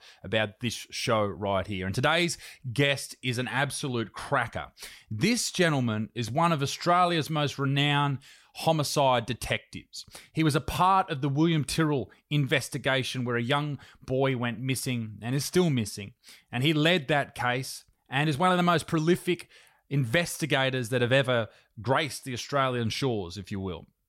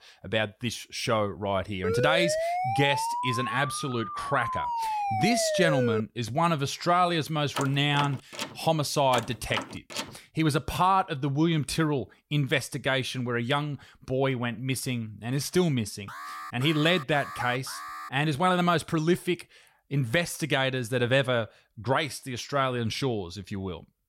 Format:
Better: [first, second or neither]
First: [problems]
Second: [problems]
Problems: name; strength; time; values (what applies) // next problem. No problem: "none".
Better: first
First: none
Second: siren; noticeable; from 2 to 6 s; peak level with the speech // door banging; noticeable; from 7.5 to 10 s; peak 8 dB below the speech // alarm; faint; from 16 to 18 s; peak 10 dB below the speech